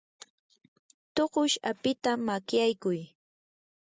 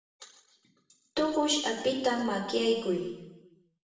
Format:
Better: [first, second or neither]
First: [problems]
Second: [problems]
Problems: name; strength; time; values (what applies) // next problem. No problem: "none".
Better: first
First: none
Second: room echo; dies away in 0.9 s